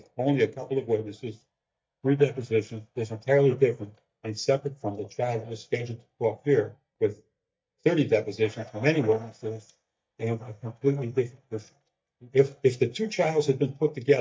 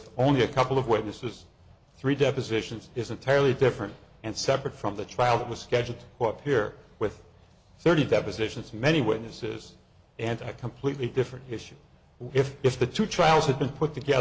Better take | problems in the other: second | noise reduction (neural mask model DeepFilterNet 3)

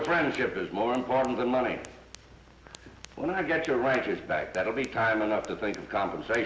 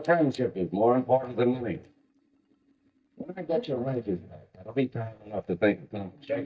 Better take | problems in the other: first | noise reduction (neural mask model DeepFilterNet 3)

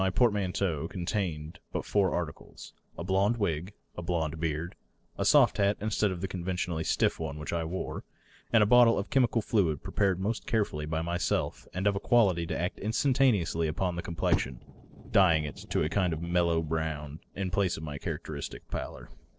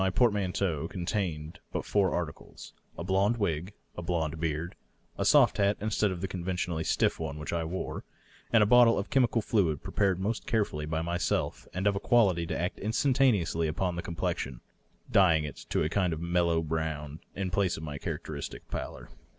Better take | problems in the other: second | noise reduction (neural separator model SepFormer DNS4)

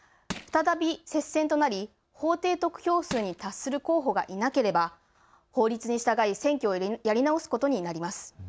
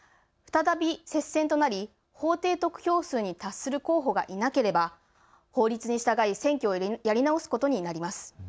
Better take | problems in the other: second | background sound (Crushing); 13 dB below the speech

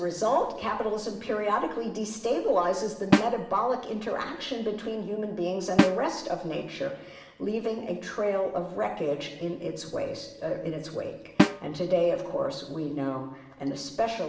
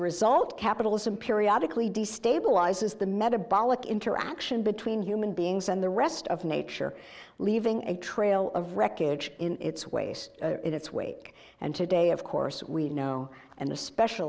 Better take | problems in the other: second | background sound (Snare drum); 1 dB above the speech // room echo; dies away in 0.8 s

